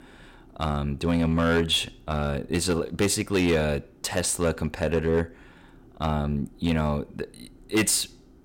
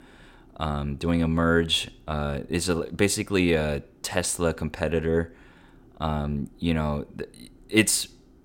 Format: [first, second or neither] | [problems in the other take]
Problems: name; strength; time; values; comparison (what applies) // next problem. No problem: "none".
second | distortion; slight; 4% of the sound clipped